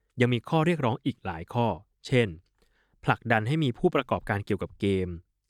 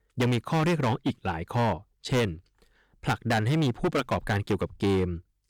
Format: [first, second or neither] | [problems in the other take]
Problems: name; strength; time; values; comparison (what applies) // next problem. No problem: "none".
first | distortion; heavy; 14% of the sound clipped